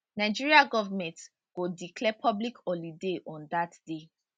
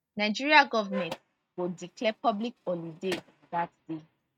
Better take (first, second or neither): first